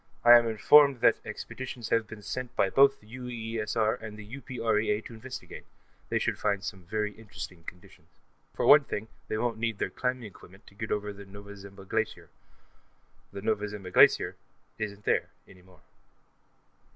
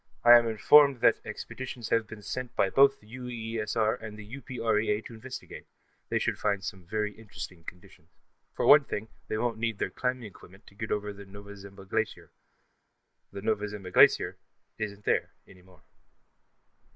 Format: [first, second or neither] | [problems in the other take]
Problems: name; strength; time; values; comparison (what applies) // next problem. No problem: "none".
first | noise reduction (neural mask model Resemble Enhance denoiser)